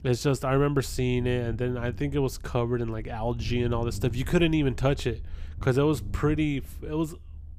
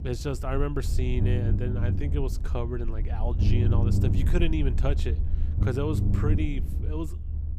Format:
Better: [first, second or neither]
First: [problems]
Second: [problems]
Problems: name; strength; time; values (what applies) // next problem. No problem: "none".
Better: first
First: low rumble; faint; throughout; 25 dB below the speech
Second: low rumble; loud; throughout; 5 dB below the speech